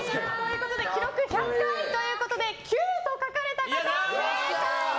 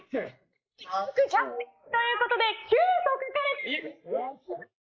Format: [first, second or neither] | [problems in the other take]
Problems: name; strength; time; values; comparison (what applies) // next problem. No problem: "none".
first | noise reduction (neural mask model Resemble Enhance denoiser)